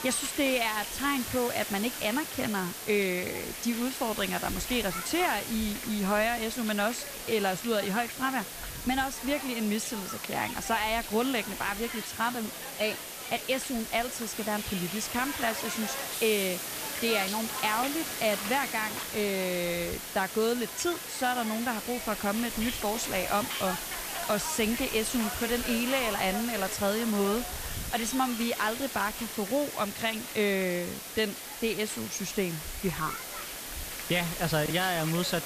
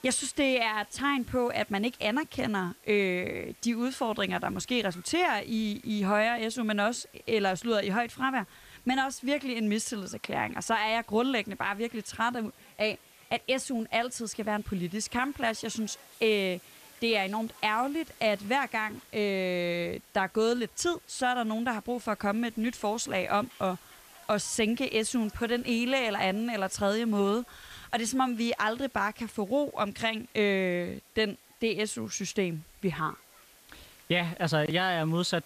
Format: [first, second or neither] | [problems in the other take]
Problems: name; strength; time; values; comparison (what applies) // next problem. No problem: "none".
second | hiss; loud; throughout; 5 dB below the speech; faint in the second